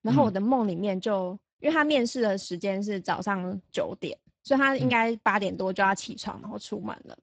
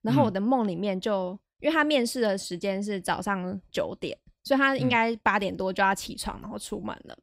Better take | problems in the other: second | garbled, watery; badly; nothing above 7.5 kHz

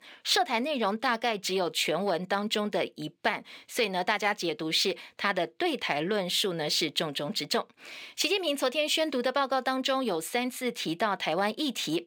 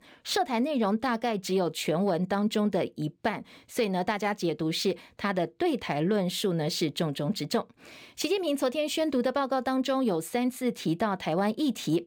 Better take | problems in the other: second | thin; very slightly; fading below 1 kHz

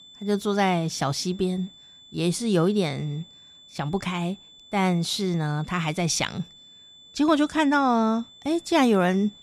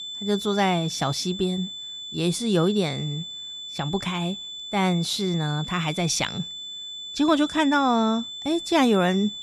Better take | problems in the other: first | high-pitched whine; loud; throughout; 3.5 kHz, 9 dB below the speech; faint in the first

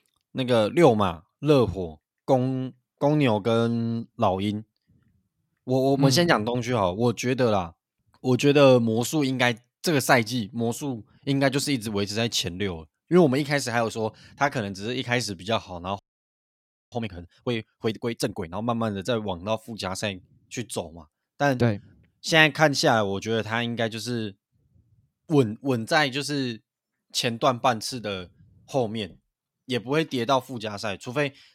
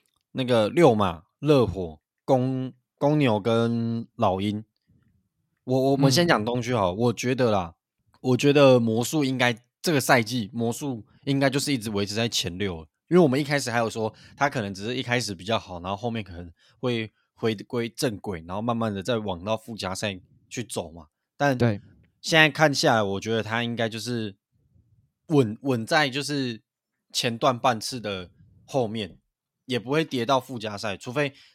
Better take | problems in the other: second | audio freezing; at 16 s for 1 s

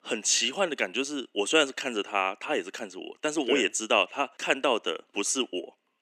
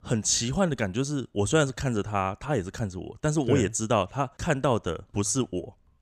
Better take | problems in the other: second | thin; somewhat; fading below 250 Hz

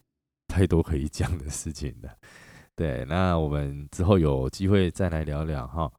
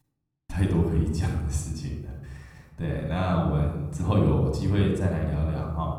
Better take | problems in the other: first | off-mic speech; somewhat distant // room echo; noticeable; dies away in 1.1 s

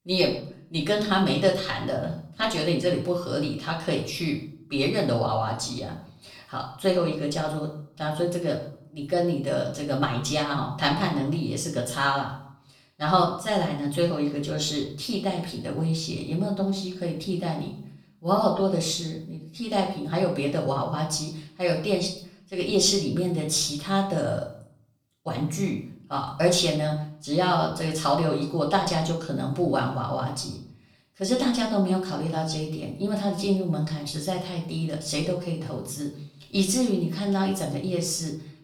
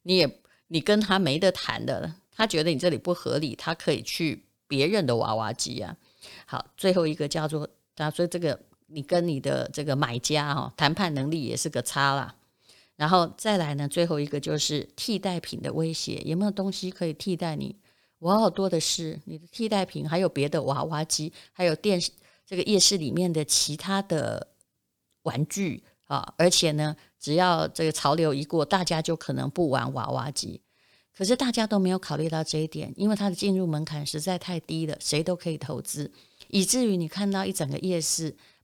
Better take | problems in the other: second | off-mic speech; far // room echo; slight; dies away in 0.5 s

